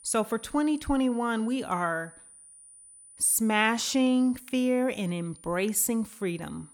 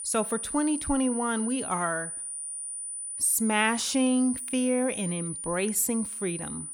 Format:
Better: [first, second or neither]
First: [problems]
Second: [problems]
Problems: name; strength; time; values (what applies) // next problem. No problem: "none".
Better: first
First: high-pitched whine; faint; throughout; 9.5 kHz, 20 dB below the speech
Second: high-pitched whine; loud; throughout; 9.5 kHz, 6 dB below the speech